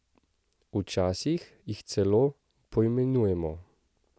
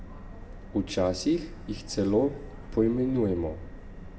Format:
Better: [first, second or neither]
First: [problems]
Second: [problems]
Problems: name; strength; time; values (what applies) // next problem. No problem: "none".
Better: first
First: none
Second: background sound (Subway, metro, underground); 13 dB below the speech // room echo; dies away in 0.6 s